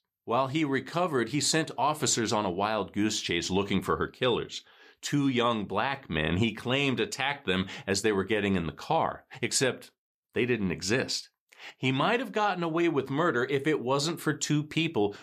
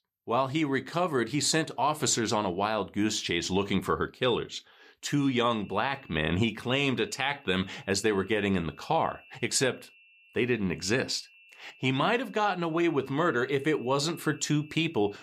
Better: first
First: none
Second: high-pitched whine; faint; from 5 s on; 2.5 kHz, 25 dB below the speech

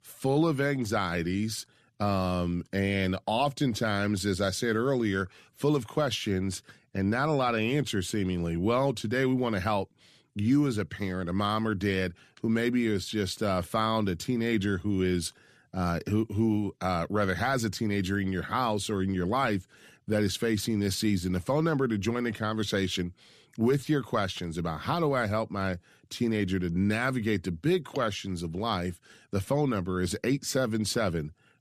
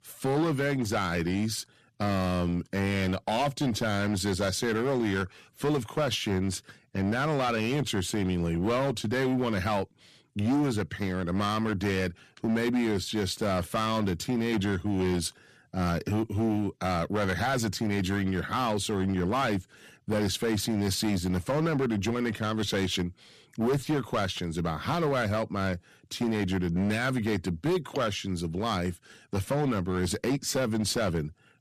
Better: first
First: none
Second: distortion; slight; 11% of the sound clipped

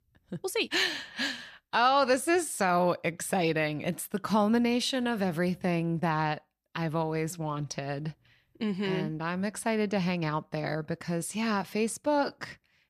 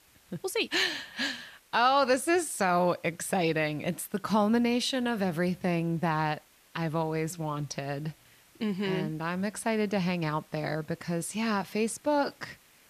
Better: first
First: none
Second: hiss; faint; throughout; 30 dB below the speech

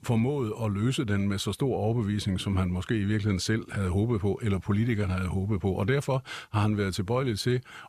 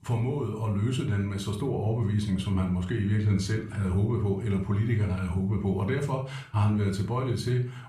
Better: first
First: none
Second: off-mic speech; somewhat distant // room echo; slight; dies away in 0.4 s

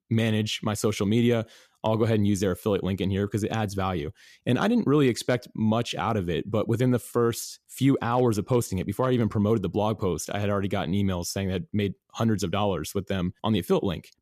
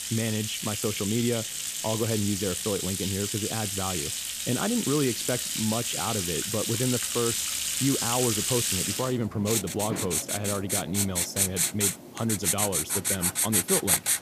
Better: first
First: none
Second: household noises; very loud; throughout; 3 dB above the speech

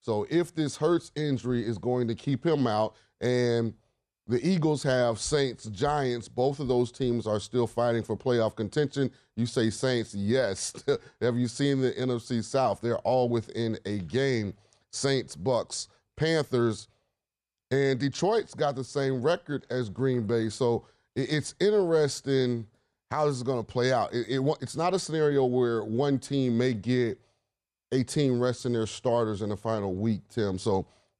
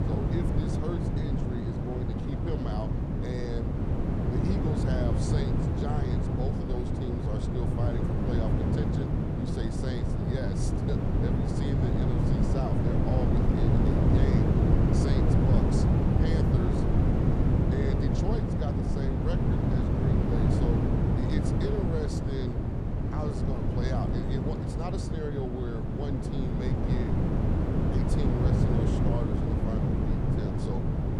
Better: first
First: none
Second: wind noise on the microphone; heavy; 5 dB above the speech

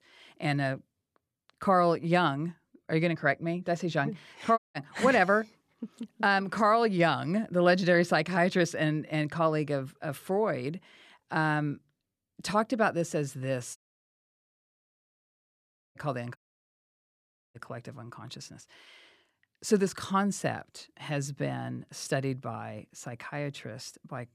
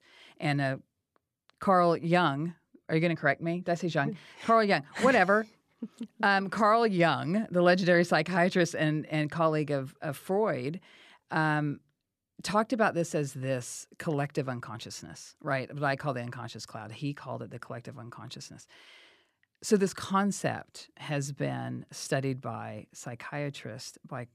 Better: second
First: audio cutting out; at 4.5 s, at 14 s for 2 s and at 16 s for 1 s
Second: none

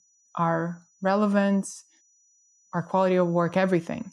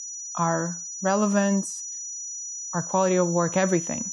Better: first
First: high-pitched whine; faint; throughout; 6 kHz, 35 dB below the speech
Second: high-pitched whine; loud; throughout; 6 kHz, 7 dB below the speech

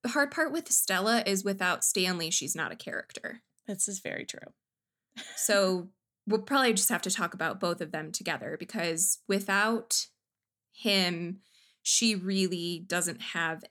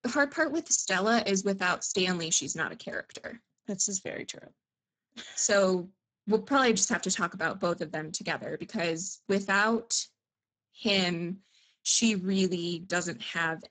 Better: first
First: none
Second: garbled, watery; badly; nothing above 7.5 kHz

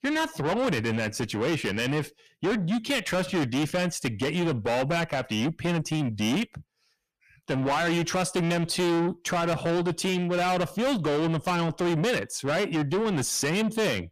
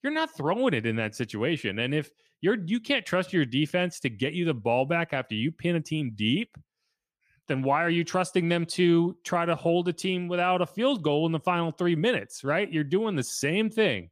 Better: second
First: distortion; heavy; 6 dB below the speech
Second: none

